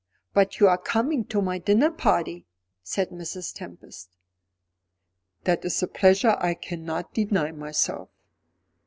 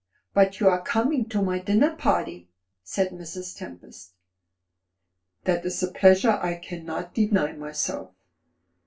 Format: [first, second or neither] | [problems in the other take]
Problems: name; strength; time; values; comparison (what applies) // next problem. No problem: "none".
first | room echo; dies away in 0.2 s